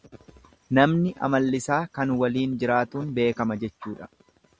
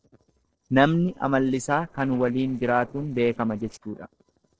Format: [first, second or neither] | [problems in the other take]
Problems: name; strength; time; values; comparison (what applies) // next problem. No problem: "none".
first | noise reduction (neural separator model SepFormer DNS4)